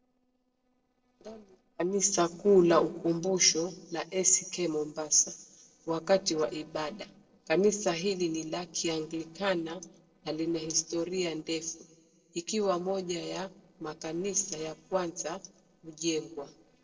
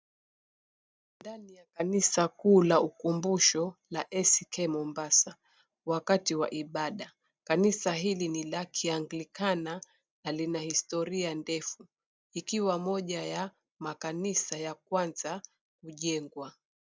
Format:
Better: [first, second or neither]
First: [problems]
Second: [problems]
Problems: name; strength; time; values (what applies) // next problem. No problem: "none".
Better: second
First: noise reduction (neural separator model SepFormer DNS4)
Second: none